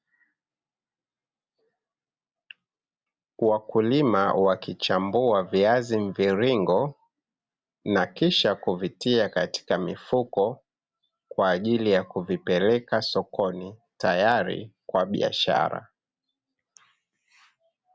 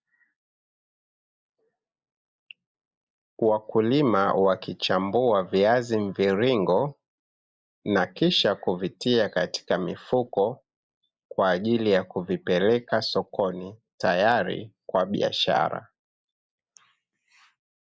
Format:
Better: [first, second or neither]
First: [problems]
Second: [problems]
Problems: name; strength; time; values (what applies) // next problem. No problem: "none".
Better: first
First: none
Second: noise reduction (neural mask model Resemble Enhance denoiser)